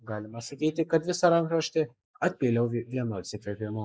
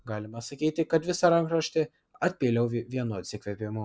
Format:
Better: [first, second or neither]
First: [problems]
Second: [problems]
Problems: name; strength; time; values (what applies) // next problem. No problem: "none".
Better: second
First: noise reduction (neural mask model Resemble Enhance denoiser)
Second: none